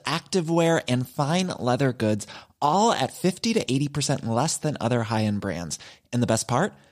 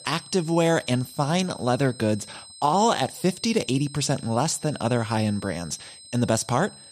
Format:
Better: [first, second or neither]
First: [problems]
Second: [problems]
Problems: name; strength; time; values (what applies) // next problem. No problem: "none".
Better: first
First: none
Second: high-pitched whine; noticeable; throughout; 8.5 kHz, 20 dB below the speech